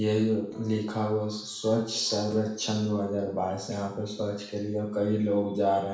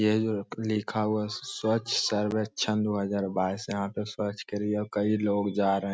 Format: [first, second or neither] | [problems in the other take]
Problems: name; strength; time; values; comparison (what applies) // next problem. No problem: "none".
second | noise reduction (neural separator model SepFormer DNS4)